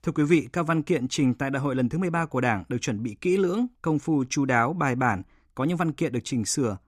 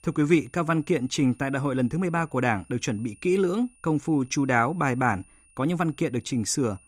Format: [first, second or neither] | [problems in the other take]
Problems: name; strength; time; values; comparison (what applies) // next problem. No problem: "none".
first | high-pitched whine; faint; throughout; 9.5 kHz, 30 dB below the speech